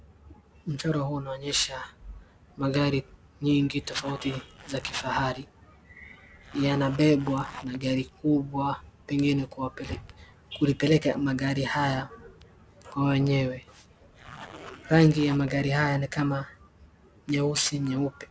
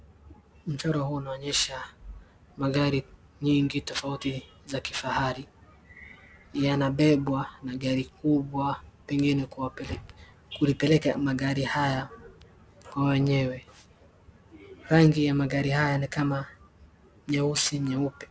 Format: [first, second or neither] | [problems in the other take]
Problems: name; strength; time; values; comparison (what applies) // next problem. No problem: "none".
second | background sound (Zipper (clothing)); 18 dB below the speech